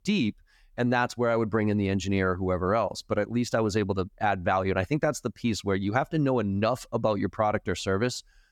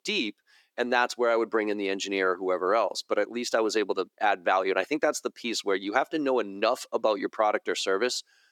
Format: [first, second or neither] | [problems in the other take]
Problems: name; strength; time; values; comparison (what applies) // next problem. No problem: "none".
first | thin; somewhat; fading below 350 Hz